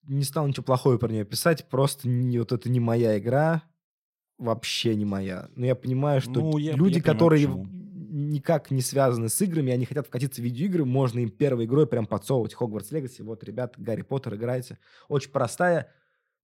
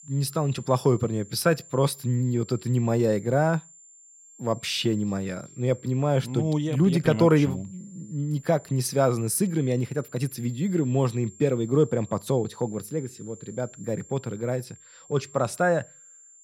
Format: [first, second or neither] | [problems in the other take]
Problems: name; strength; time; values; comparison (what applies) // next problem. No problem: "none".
first | high-pitched whine; faint; throughout; 7.5 kHz, 20 dB below the speech